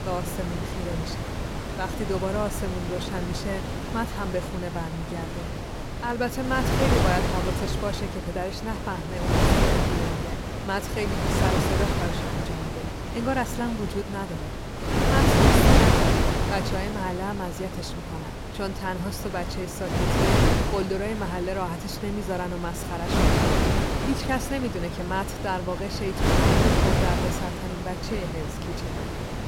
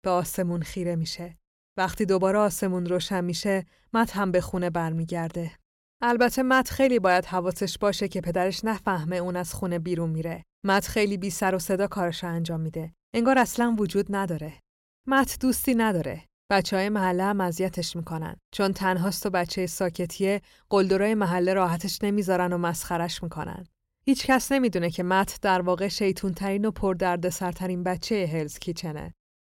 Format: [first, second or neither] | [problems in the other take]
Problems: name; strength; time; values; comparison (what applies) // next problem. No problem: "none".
second | wind noise on the microphone; heavy; 3 dB above the speech